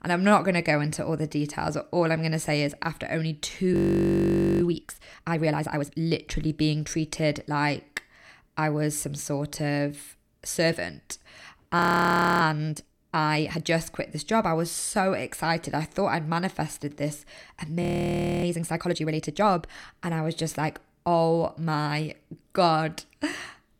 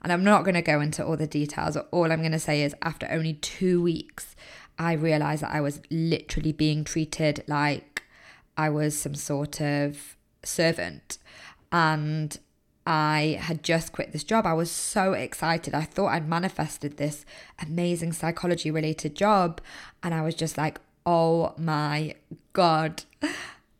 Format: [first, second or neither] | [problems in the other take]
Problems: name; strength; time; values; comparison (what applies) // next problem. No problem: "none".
second | audio freezing; at 3.5 s for 1 s, at 12 s for 0.5 s and at 18 s for 0.5 s